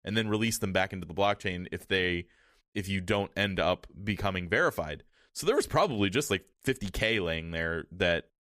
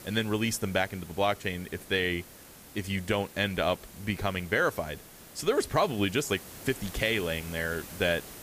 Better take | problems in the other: first | hiss; noticeable; throughout; 15 dB below the speech

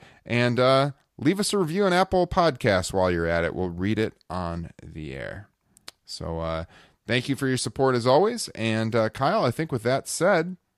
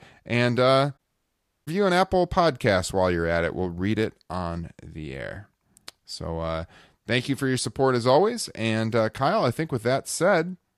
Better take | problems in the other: first | audio cutting out; at 1 s for 0.5 s

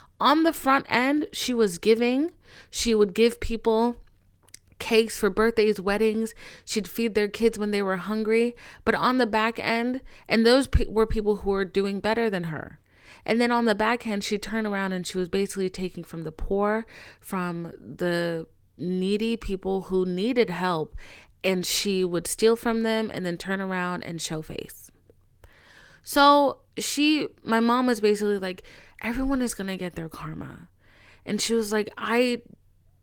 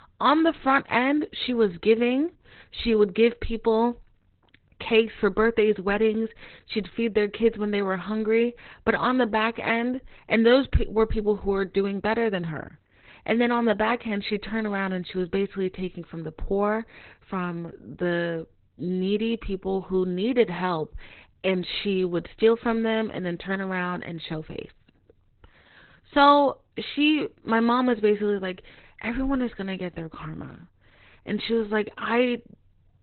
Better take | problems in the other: first | garbled, watery; badly; nothing above 4 kHz; slightly in the first

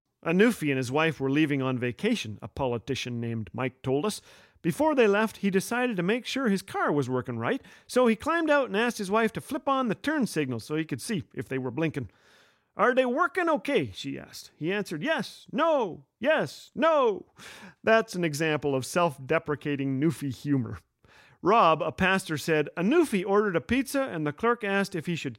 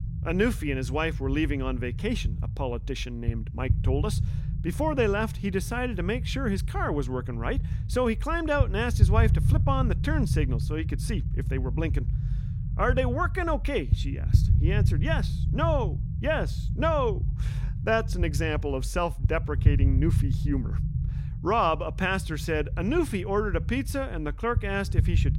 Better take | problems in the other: first | low rumble; noticeable; throughout; 15 dB below the speech

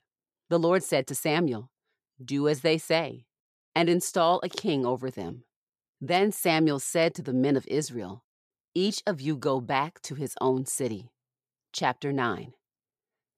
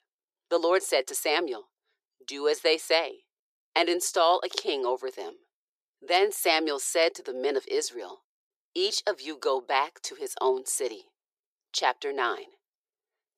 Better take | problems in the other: first | thin; very; fading below 400 Hz

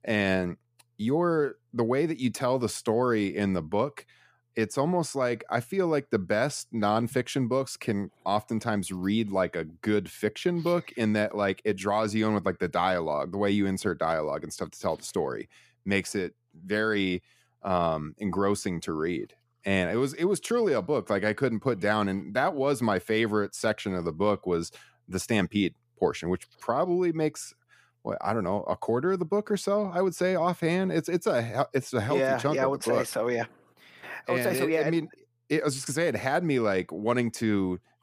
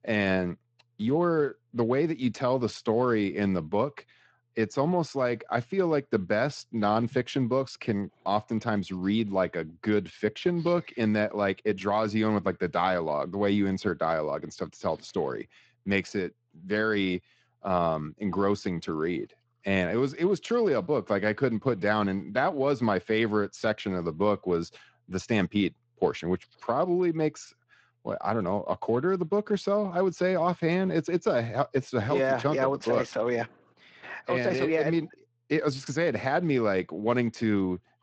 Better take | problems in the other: first | garbled, watery; slightly; nothing above 7.5 kHz

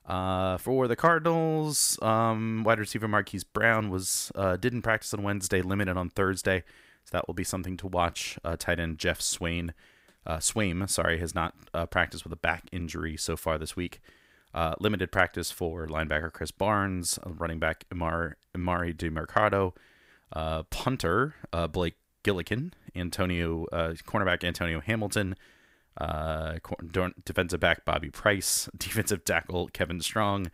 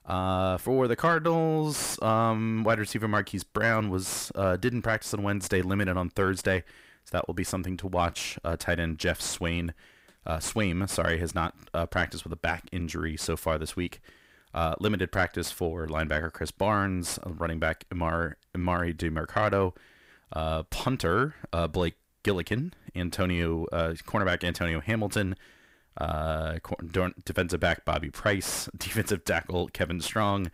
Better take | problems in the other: first | distortion; slight; 10 dB below the speech

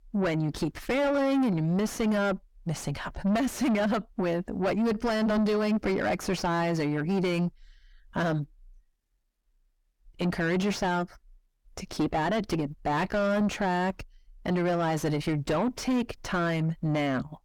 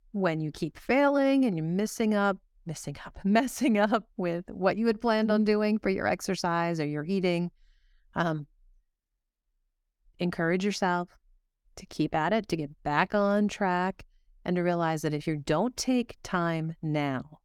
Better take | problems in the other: second | distortion; heavy; 4 dB below the speech

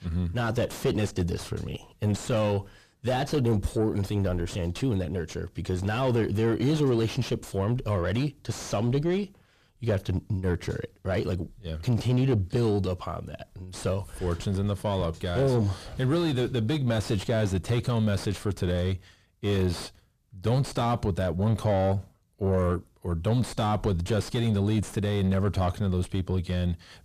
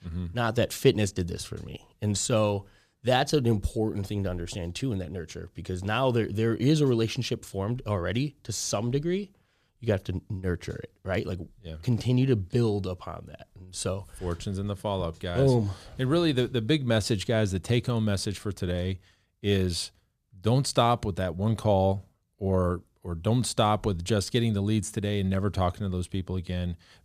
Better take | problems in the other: second | distortion; heavy; 7 dB below the speech

